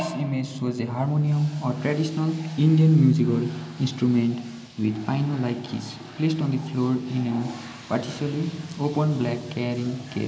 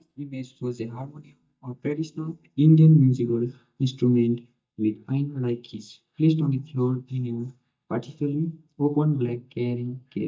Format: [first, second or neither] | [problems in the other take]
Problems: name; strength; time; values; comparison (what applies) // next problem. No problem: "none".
first | noise reduction (neural mask model DeepFilterNet 3)